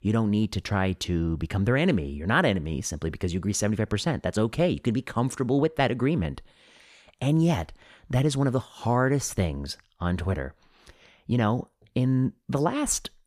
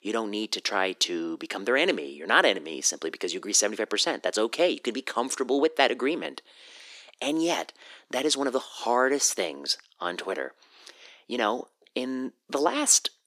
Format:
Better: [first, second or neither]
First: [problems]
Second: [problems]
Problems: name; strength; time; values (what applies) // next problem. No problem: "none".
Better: first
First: none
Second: thin; somewhat; fading below 300 Hz